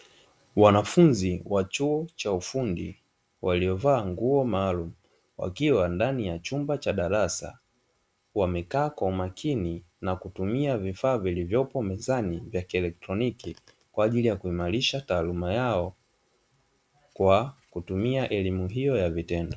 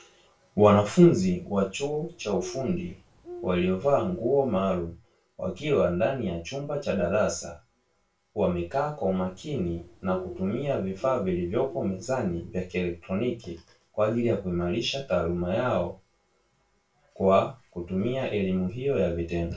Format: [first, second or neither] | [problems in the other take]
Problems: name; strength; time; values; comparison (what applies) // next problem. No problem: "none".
first | background sound (Bird); 17 dB below the speech // room echo; dies away in 0.2 s